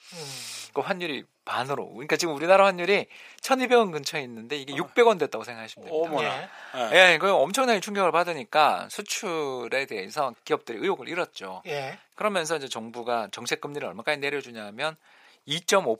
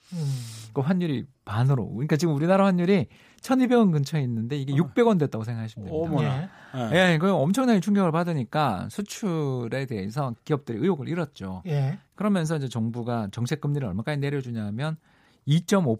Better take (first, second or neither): second